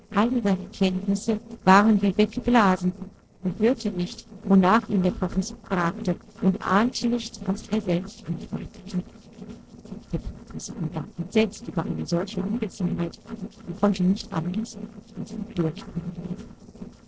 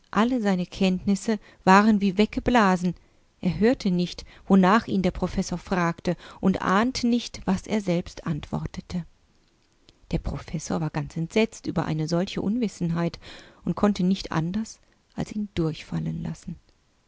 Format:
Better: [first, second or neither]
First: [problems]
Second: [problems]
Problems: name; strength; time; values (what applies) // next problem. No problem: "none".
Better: second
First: noise reduction (neural separator model SepFormer DNS4)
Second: none